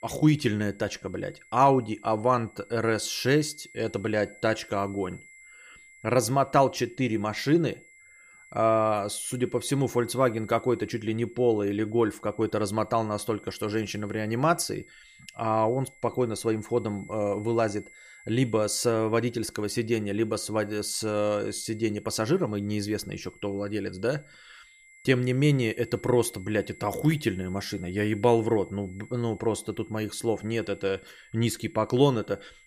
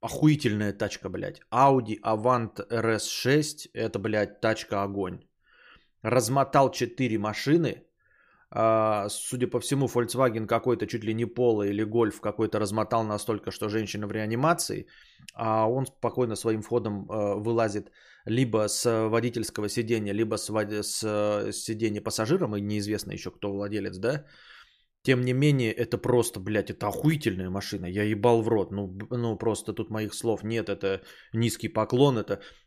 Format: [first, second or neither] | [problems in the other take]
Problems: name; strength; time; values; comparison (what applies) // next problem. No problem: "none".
second | high-pitched whine; faint; throughout; 2 kHz, 25 dB below the speech